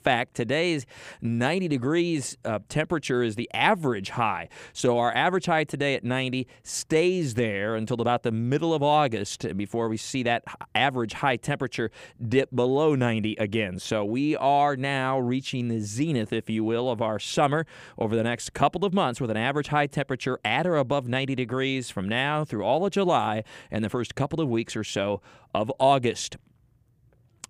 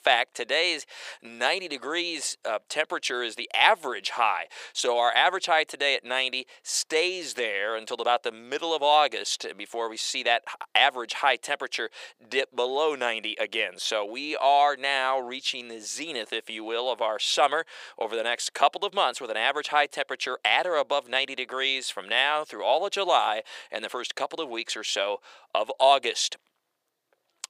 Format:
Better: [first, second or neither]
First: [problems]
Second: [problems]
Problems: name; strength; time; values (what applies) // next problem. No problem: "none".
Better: first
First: none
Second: thin; very; fading below 550 Hz